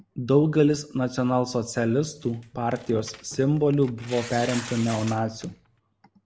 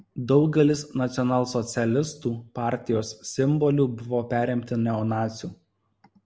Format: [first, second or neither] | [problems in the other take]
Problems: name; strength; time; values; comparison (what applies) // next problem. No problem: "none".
second | background sound (Tearing); 16 dB below the speech